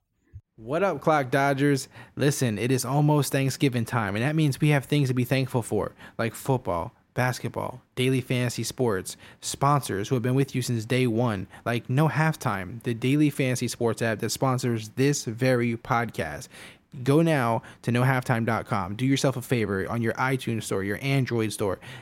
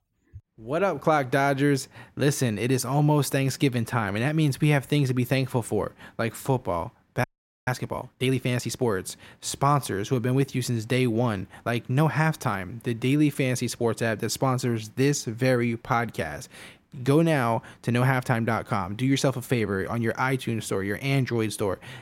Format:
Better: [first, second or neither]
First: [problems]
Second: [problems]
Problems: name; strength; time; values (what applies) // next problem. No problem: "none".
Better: first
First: none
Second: audio freezing; at 7 s